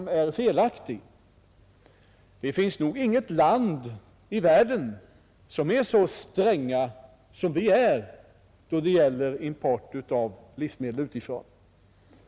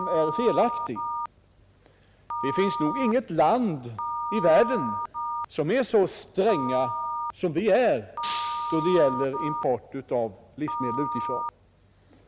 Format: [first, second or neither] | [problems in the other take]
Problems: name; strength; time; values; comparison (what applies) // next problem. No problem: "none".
first | background sound (Telephone + Shatter); 6 dB below the speech